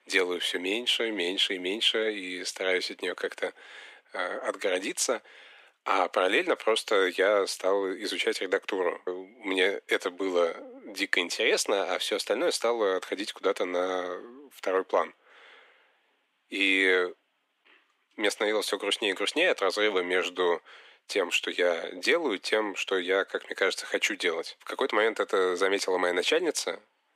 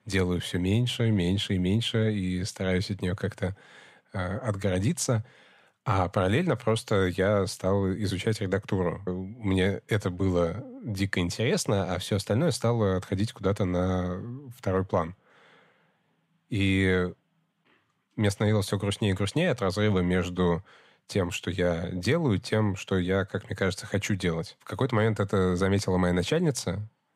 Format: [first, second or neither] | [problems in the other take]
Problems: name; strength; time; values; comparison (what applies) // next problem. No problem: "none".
second | thin; very; fading below 300 Hz